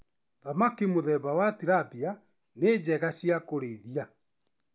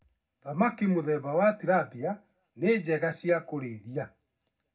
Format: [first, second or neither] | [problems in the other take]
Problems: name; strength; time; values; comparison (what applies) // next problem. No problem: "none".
first | room echo; dies away in 0.3 s